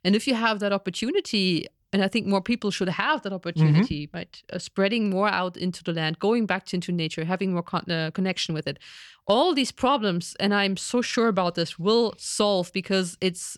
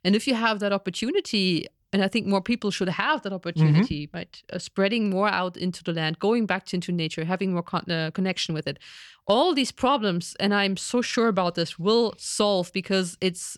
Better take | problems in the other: neither | none

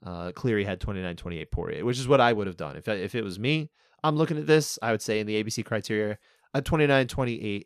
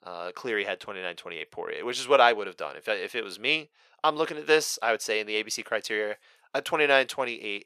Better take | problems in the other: first | thin; very; fading below 600 Hz

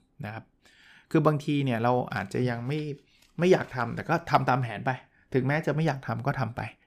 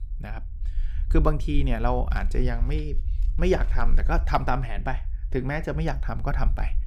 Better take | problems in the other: first | low rumble; faint; throughout; 25 dB below the speech

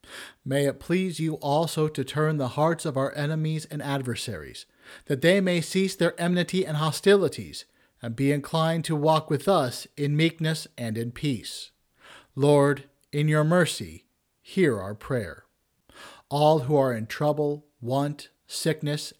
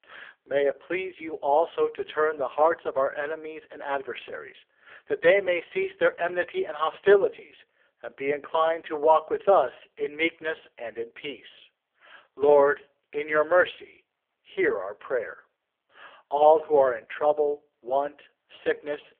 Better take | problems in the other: first | phone-call audio; poor line; nothing above 3.5 kHz

